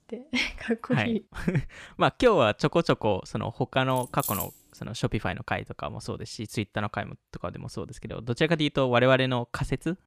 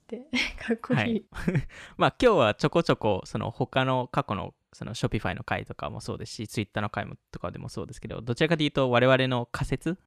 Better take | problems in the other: second | jangling keys; noticeable; at 4 s; peak 5 dB below the speech

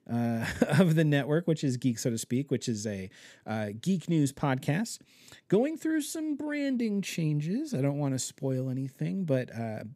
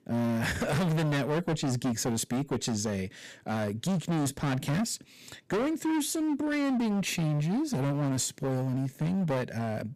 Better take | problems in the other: first | distortion; heavy; 27% of the sound clipped

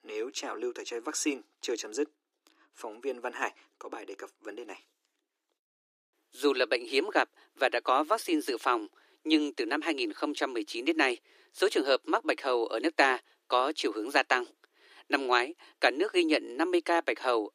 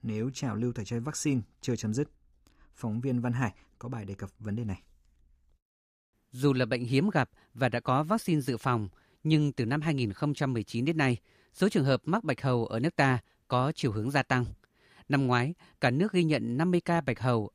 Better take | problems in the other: second | thin; very; fading below 300 Hz

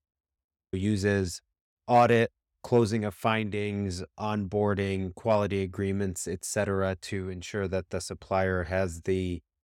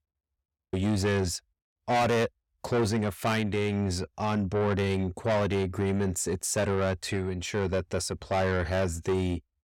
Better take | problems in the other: first | distortion; heavy; 7 dB below the speech

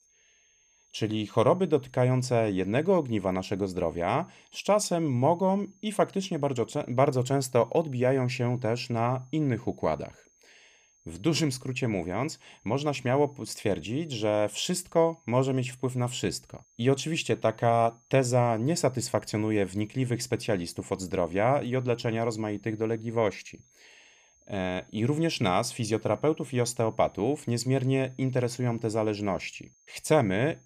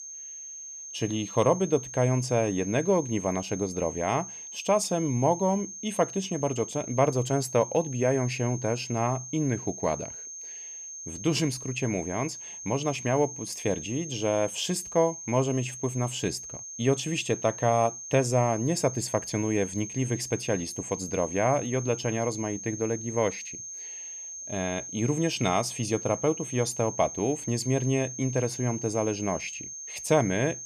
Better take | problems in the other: first | high-pitched whine; loud; throughout; 6.5 kHz, 9 dB below the speech; faint in the first

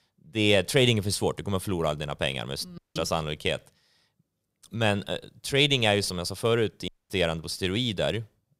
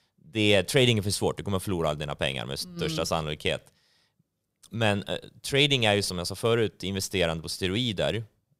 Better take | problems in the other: second | audio cutting out; at 3 s and at 7 s

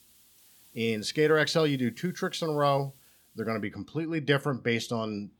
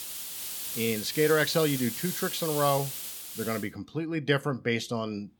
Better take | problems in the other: first | hiss; loud; until 3.5 s; 5 dB below the speech; faint in the first

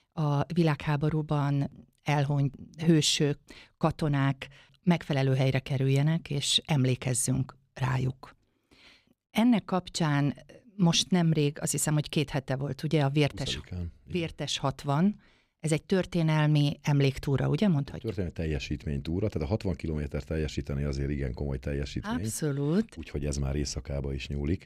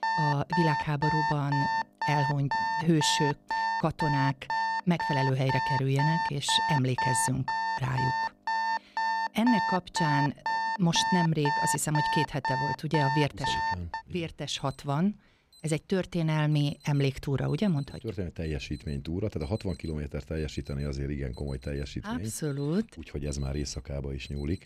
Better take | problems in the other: first | alarms or sirens; very loud; throughout; as loud as the speech

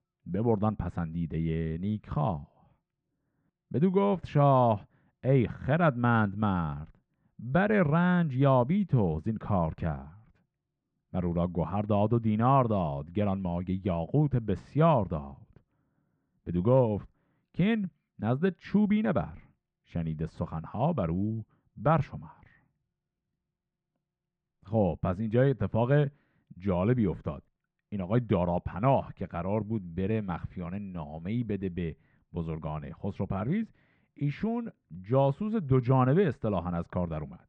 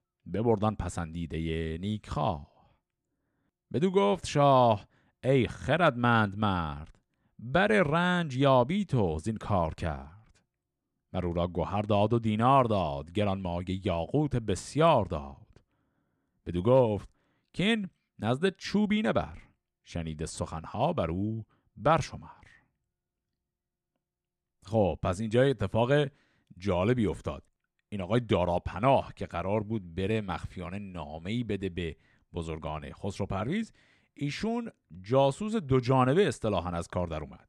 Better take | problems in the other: second | muffled; very; fading above 2 kHz

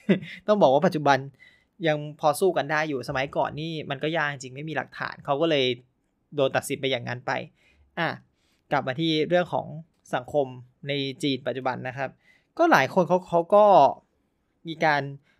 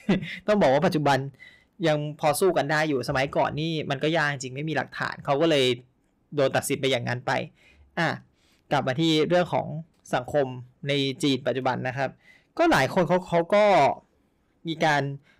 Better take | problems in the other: first | distortion; heavy; 8 dB below the speech

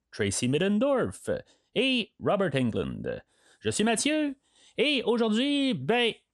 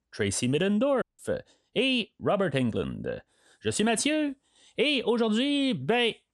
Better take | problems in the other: first | audio cutting out; at 1 s

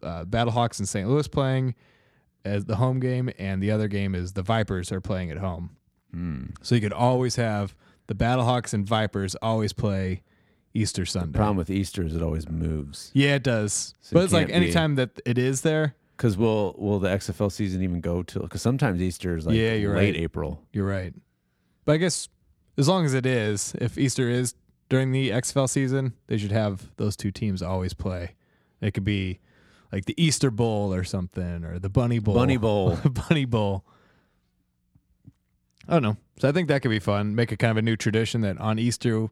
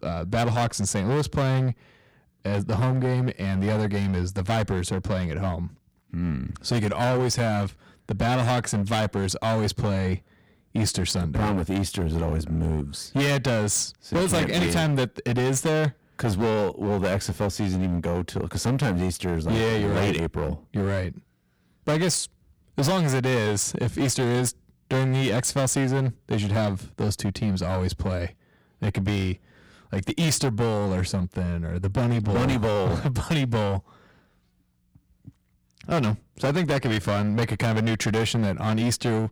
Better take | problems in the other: first | distortion; heavy; 17% of the sound clipped

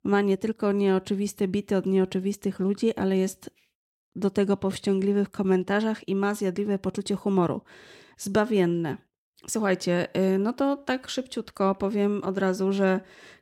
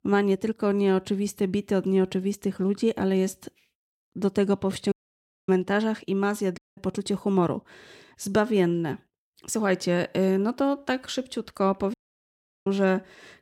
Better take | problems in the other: first | audio cutting out; at 5 s for 0.5 s, at 6.5 s and at 12 s for 0.5 s

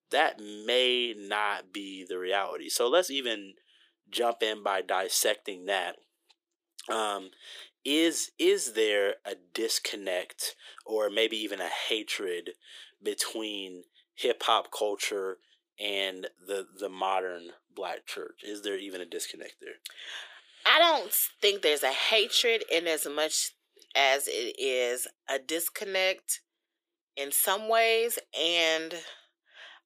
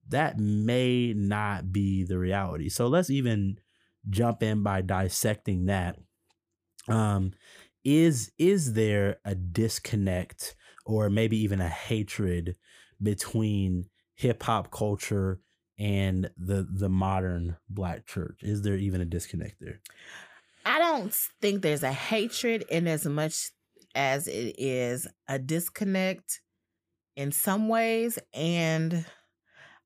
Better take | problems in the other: second | thin; very; fading below 350 Hz

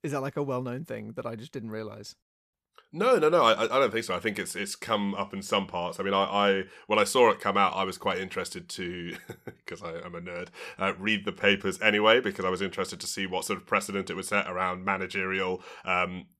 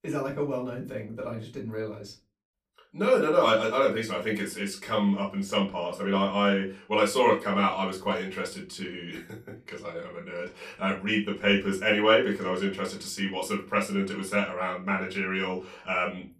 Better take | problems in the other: first | off-mic speech; far // room echo; very slight; dies away in 0.2 s

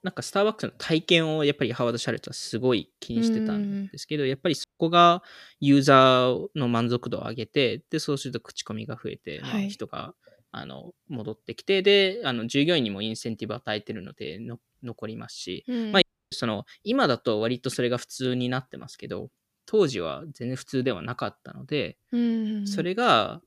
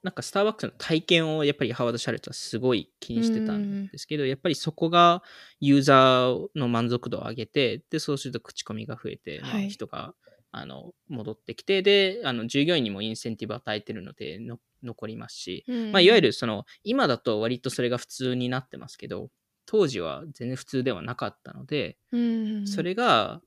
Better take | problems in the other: second | audio cutting out; at 4.5 s and at 16 s

